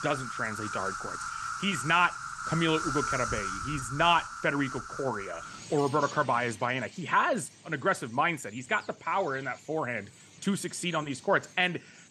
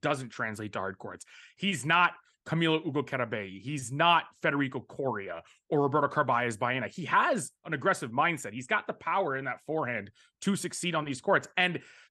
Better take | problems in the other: second | animal sounds; loud; throughout; 7 dB below the speech

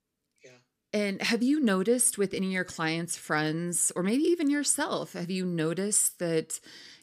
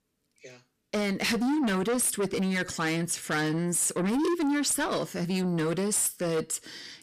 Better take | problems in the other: first | distortion; heavy; 7 dB below the speech

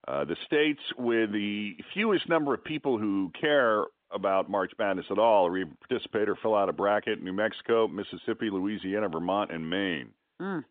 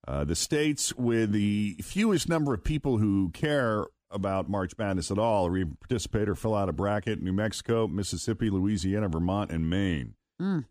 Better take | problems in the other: second | phone-call audio

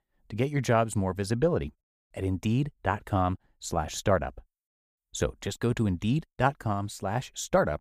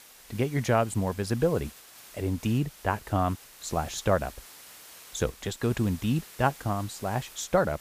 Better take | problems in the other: first | hiss; noticeable; throughout; 20 dB below the speech

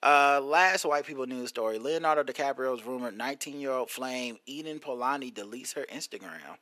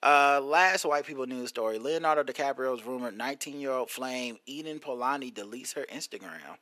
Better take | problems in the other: neither | thin; somewhat; fading below 350 Hz; the same in both

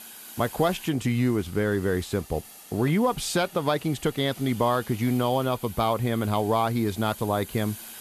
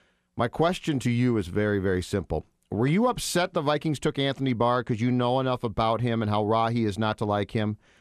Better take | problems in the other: second | hiss; noticeable; throughout; 15 dB below the speech

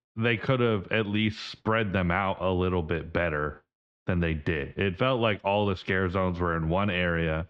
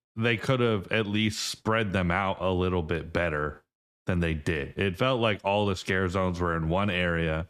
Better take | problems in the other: second | muffled; slightly; fading above 3.5 kHz

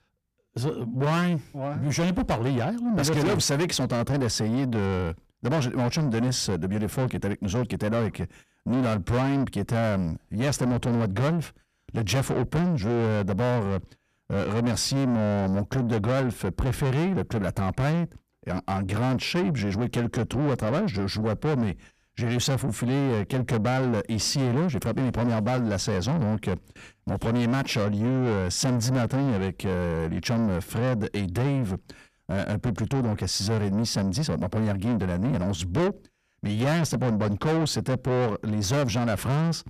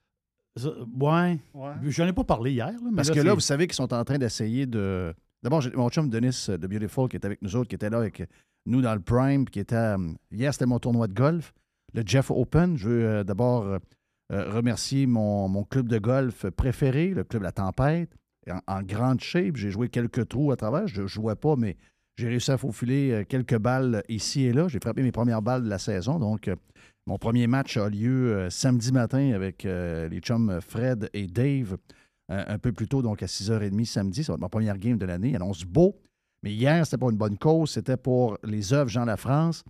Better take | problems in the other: second | distortion; heavy; 7 dB below the speech

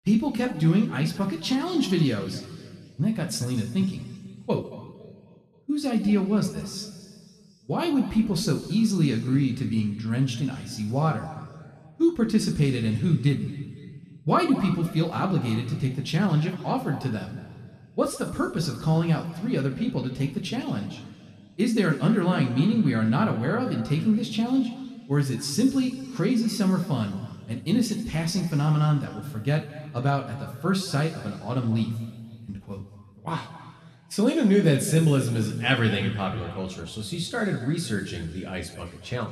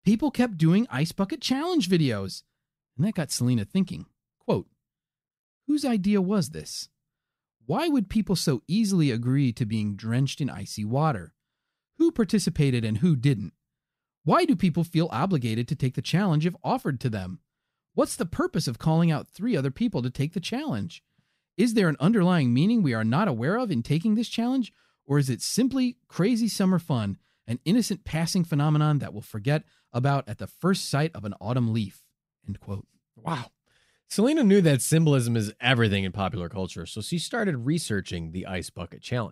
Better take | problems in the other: second | room echo; slight; dies away in 1.9 s

